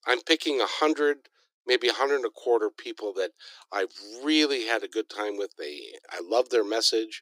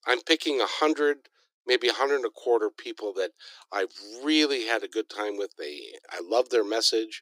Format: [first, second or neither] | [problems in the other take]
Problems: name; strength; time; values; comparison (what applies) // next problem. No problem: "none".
neither | thin; very; fading below 300 Hz; the same in both